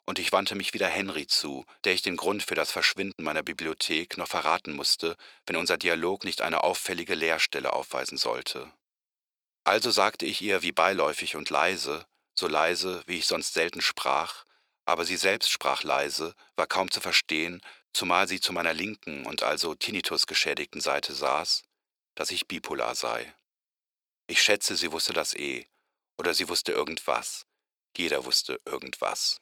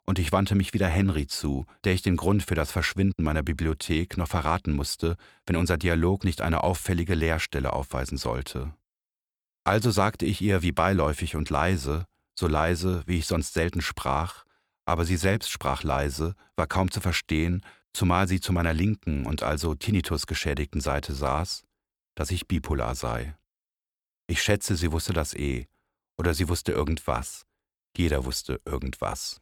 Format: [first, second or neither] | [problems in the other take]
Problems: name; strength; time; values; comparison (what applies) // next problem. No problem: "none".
second | thin; very; fading below 450 Hz